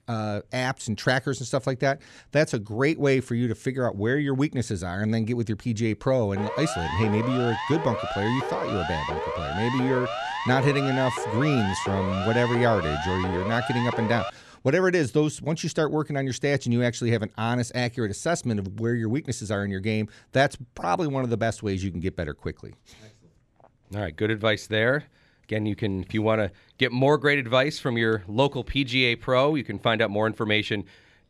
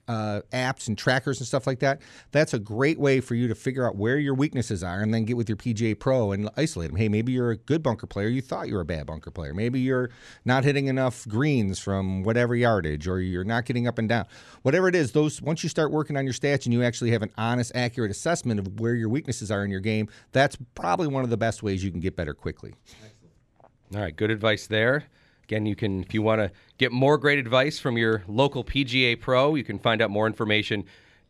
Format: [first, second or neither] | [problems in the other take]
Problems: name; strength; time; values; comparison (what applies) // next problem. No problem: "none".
second | siren; noticeable; from 6.5 to 14 s; peak 4 dB below the speech